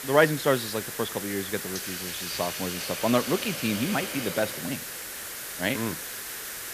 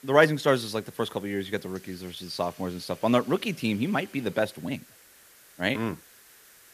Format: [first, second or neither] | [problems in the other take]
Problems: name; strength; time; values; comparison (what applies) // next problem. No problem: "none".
second | hiss; loud; throughout; 4 dB below the speech; faint in the second